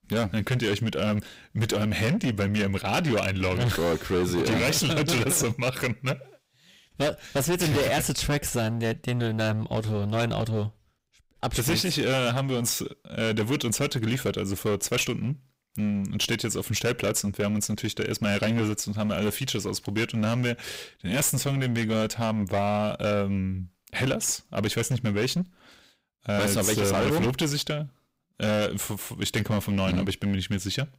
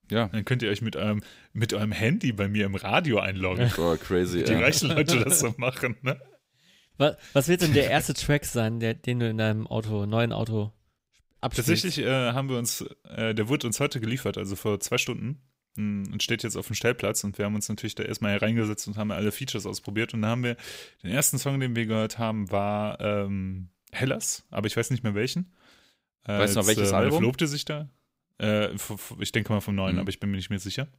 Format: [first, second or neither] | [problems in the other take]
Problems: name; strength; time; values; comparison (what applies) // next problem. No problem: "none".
second | distortion; heavy; 16% of the sound clipped